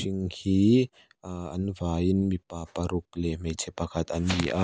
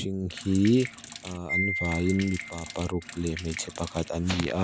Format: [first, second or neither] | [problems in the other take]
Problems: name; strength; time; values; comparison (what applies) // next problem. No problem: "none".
first | background sound (Sink (filling or washing) + Wind chime); 9 dB below the speech